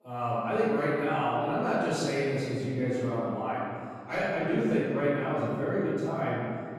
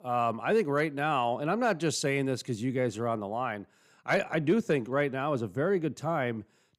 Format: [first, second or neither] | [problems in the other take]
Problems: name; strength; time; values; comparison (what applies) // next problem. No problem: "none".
second | off-mic speech; far // room echo; strong; dies away in 2.1 s